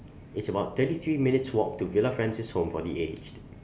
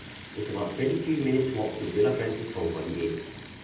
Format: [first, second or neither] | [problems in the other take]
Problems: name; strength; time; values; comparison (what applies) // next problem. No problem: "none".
first | background sound (Sink (filling or washing) / Water tap, faucet); 16 dB below the speech // room echo; dies away in 0.6 s